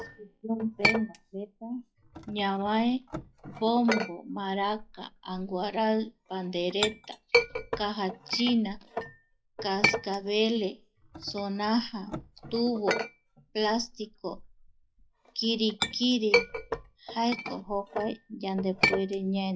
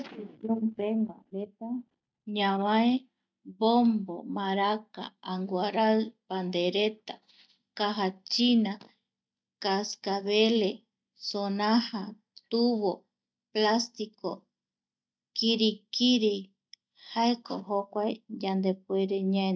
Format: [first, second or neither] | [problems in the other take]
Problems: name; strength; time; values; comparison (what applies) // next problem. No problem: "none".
second | noise reduction (classical method log-MMSE)